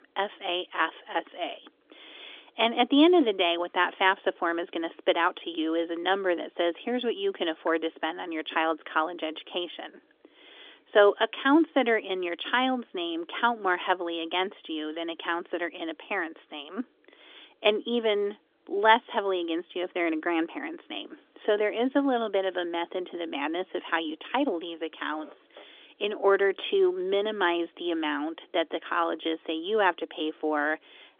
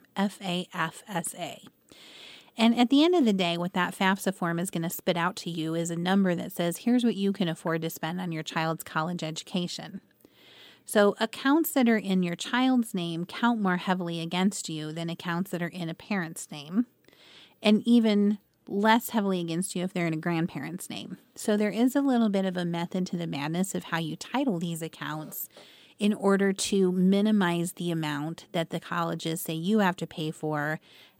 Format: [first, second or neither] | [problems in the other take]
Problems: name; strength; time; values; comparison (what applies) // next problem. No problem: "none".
second | phone-call audio; nothing above 3.5 kHz